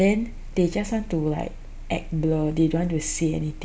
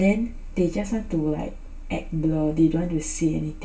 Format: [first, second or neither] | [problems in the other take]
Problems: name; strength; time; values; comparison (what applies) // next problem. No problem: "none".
first | room echo; dies away in 0.1 s